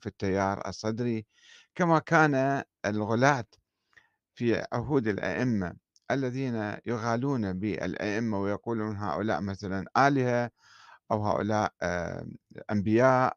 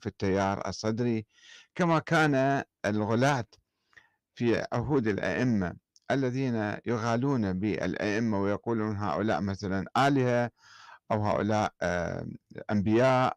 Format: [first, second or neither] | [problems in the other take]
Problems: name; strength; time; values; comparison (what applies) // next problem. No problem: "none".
first | distortion; slight; 10 dB below the speech